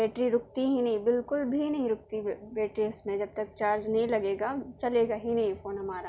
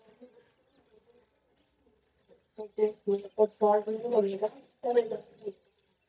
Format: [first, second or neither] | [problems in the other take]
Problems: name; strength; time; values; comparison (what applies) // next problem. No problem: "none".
first | noise reduction (neural mask model DeepFilterNet 3)